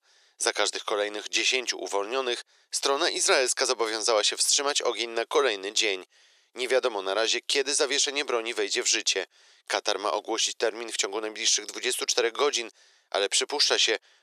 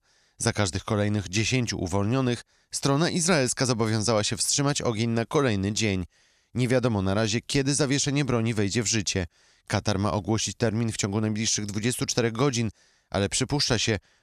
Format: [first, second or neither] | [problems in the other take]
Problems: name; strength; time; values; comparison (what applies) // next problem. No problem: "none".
second | thin; very; fading below 400 Hz